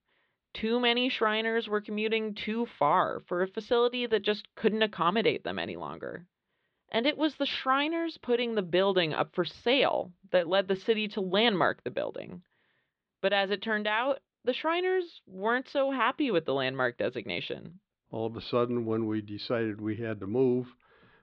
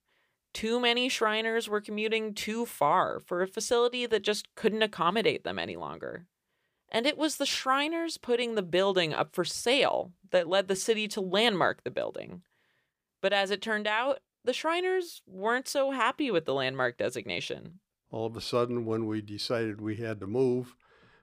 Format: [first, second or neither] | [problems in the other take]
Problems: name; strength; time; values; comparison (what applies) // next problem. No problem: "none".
second | muffled; slightly; fading above 4 kHz